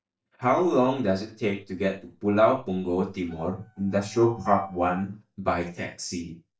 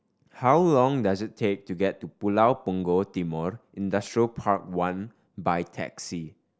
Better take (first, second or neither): second